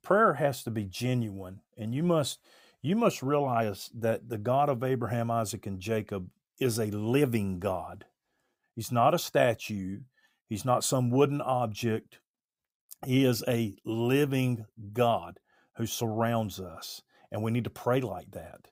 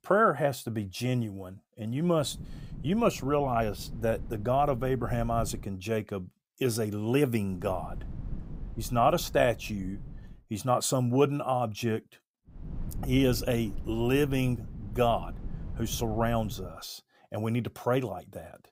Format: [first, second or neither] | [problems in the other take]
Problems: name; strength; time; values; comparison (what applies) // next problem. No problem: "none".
first | low rumble; faint; from 2.5 to 5.5 s, from 7.5 to 10 s and from 13 to 17 s; 25 dB below the speech